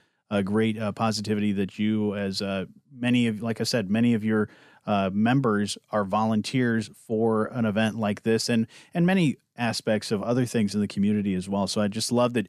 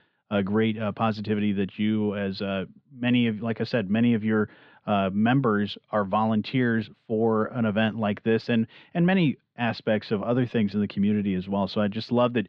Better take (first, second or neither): first